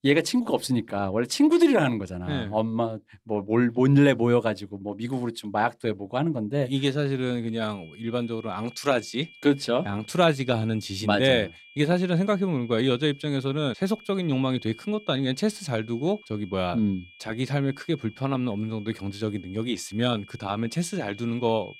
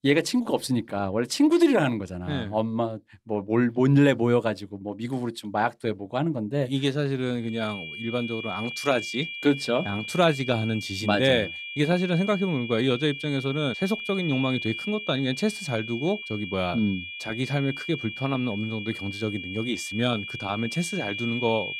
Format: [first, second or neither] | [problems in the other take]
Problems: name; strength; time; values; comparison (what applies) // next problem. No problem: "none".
first | high-pitched whine; loud; from 7.5 s on; 2.5 kHz, 8 dB below the speech; faint in the first